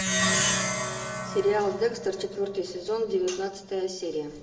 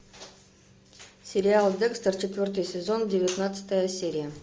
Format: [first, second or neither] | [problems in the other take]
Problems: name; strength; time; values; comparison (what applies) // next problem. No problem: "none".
second | background sound (Plucked string instrument); 2 dB below the speech // room echo; dies away in 1 s